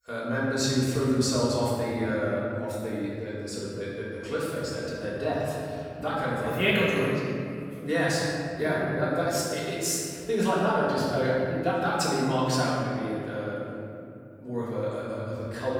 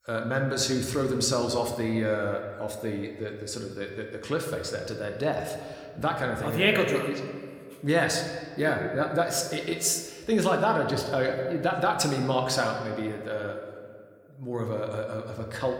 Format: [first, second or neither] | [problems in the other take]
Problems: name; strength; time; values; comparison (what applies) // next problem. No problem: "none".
second | room echo; strong; dies away in 2.8 s; slight in the second // off-mic speech; far